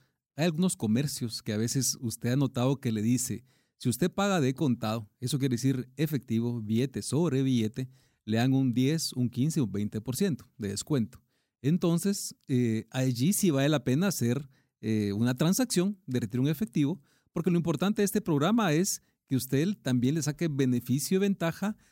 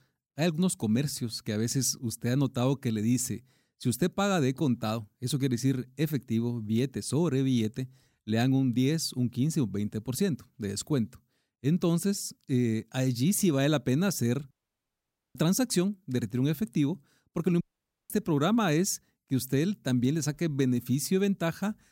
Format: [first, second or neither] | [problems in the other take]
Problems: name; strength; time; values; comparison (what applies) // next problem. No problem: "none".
first | audio cutting out; at 15 s for 1 s and at 18 s